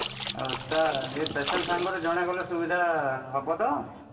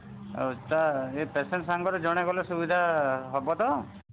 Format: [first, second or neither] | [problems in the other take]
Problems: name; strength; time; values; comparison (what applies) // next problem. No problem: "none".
second | background sound (Splash, splatter); 9 dB below the speech // room echo; dies away in 1.6 s